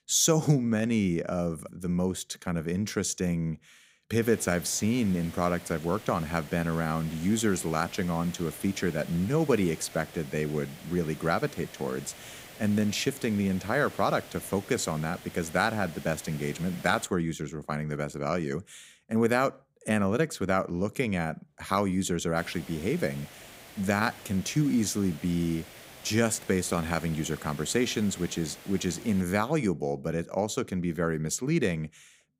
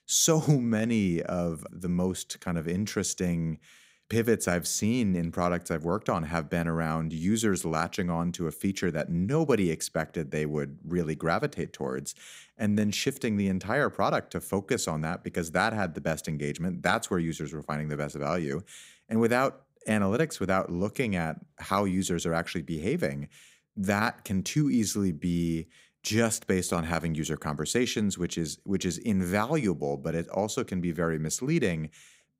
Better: second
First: hiss; noticeable; from 4 to 17 s and from 22 to 29 s; 15 dB below the speech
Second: none

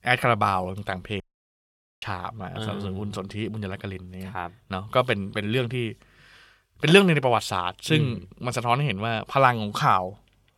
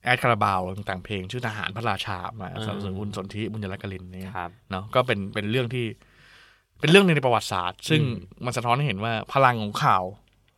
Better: second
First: audio cutting out; at 1 s for 1 s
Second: none

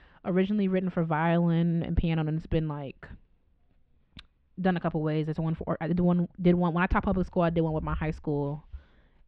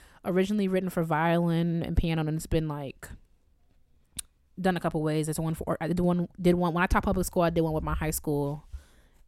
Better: second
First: muffled; very; fading above 3.5 kHz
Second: none

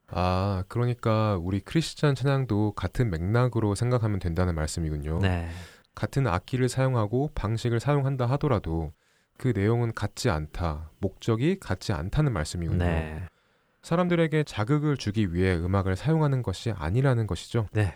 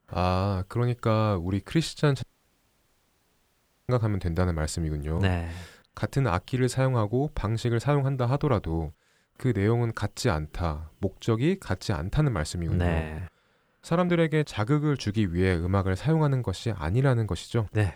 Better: first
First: none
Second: audio cutting out; at 2 s for 1.5 s

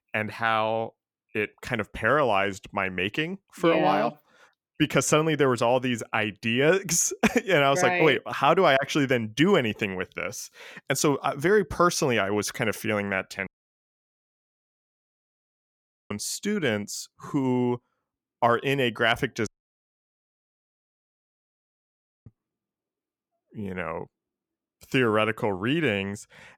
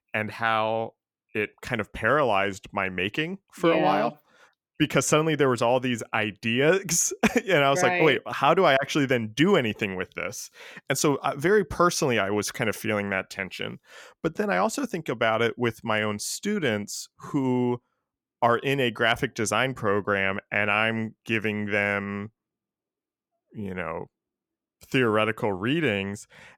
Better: second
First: audio cutting out; at 13 s for 2.5 s and at 19 s for 3 s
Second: none

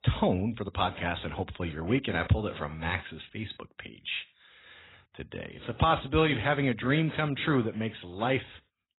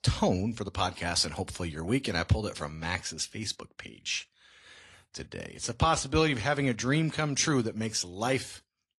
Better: second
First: garbled, watery; badly; nothing above 4 kHz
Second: garbled, watery; slightly

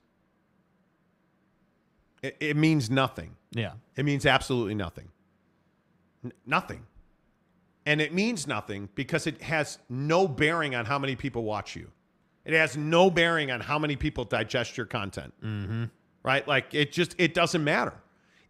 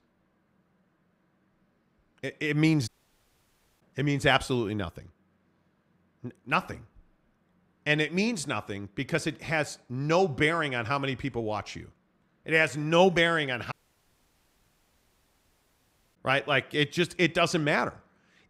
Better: first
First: none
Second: audio cutting out; at 3 s for 1 s and at 14 s for 2.5 s

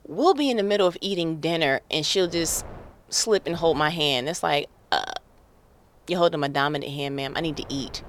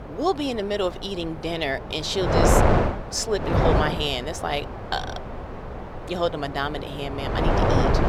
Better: first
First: wind noise on the microphone; occasional gusts; 25 dB below the speech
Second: wind noise on the microphone; heavy; 2 dB above the speech

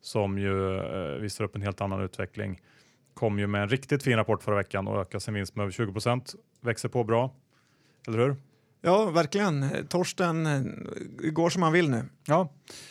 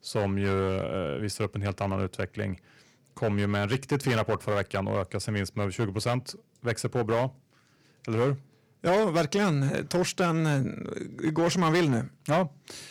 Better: first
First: none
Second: distortion; slight; 7% of the sound clipped

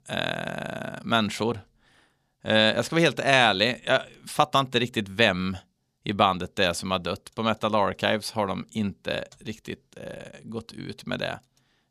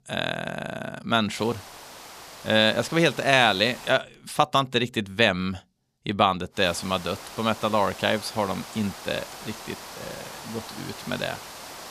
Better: first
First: none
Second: hiss; noticeable; from 1.5 to 4 s and from 6.5 s on; 15 dB below the speech

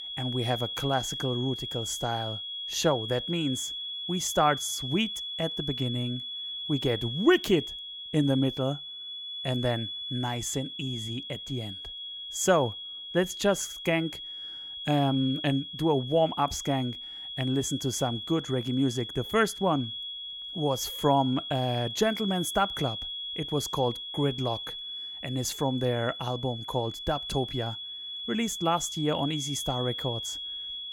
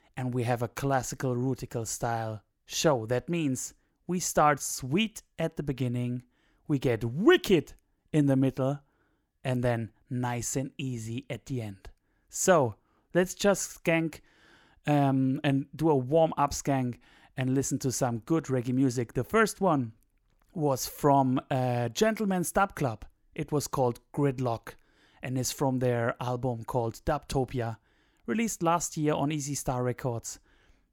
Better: second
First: high-pitched whine; loud; throughout; 3.5 kHz, 6 dB below the speech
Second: none

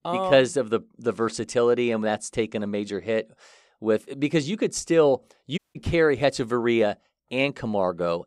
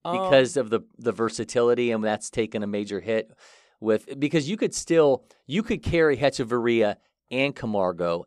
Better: second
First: audio cutting out; at 5.5 s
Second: none

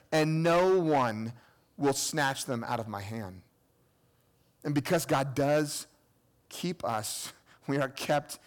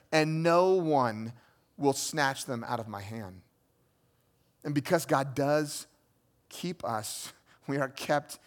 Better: second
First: distortion; slight; 4% of the sound clipped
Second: none

